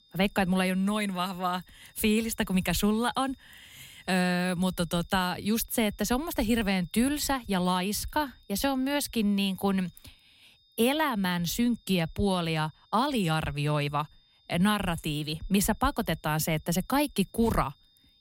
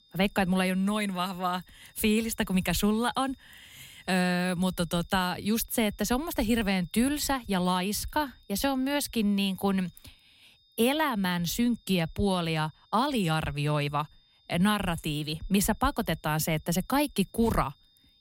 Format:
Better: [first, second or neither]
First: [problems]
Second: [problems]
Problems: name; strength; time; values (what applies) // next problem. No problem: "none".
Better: neither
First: high-pitched whine; faint; throughout; 3.5 kHz, 35 dB below the speech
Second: high-pitched whine; faint; throughout; 3.5 kHz, 35 dB below the speech